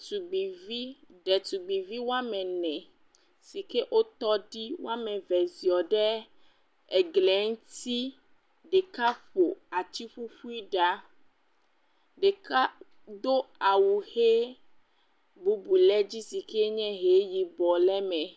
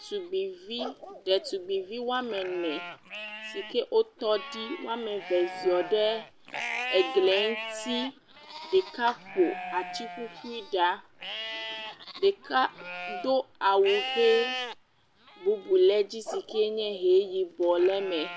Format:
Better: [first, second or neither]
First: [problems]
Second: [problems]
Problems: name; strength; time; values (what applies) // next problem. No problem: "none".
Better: first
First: none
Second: background sound (Livestock, farm animals, working animals); 10 dB below the speech